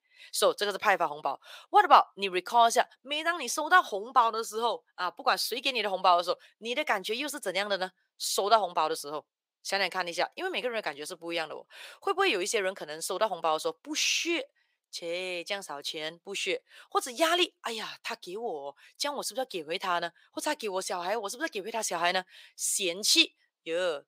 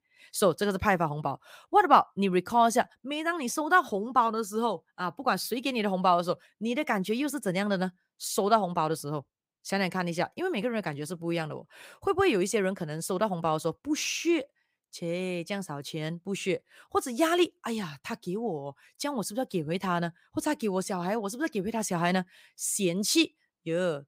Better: second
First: thin; very; fading below 550 Hz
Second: none

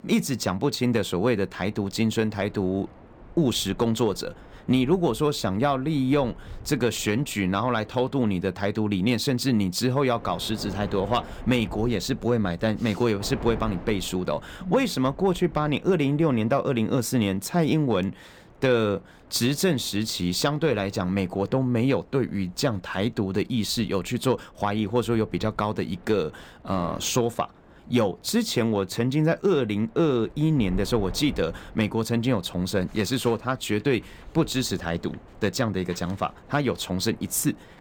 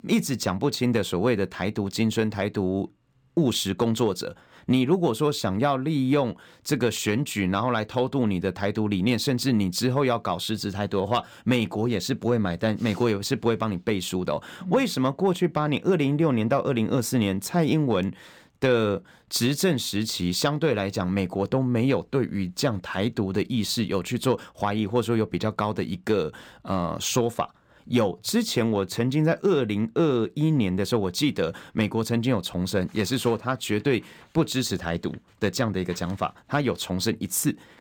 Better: second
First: wind noise on the microphone; occasional gusts; 25 dB below the speech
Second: none

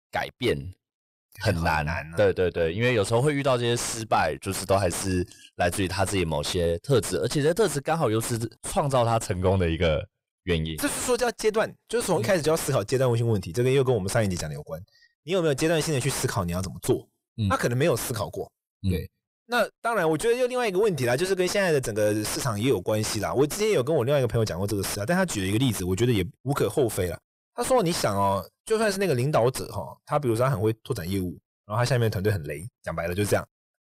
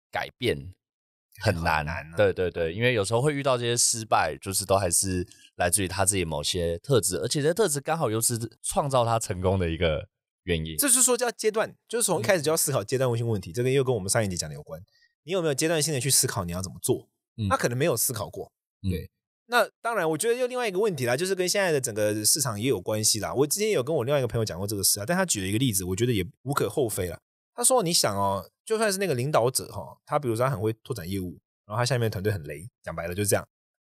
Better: second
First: distortion; heavy; 7 dB below the speech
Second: none

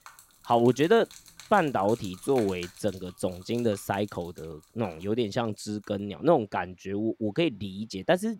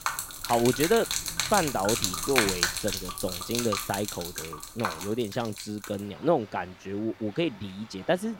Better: first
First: rain or running water; faint; throughout; 20 dB below the speech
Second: rain or running water; loud; throughout; as loud as the speech

